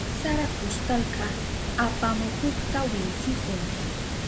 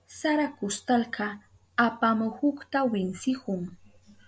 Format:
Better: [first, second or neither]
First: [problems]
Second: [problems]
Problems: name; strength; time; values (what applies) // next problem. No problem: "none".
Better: second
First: background sound (Water); 1 dB above the speech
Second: none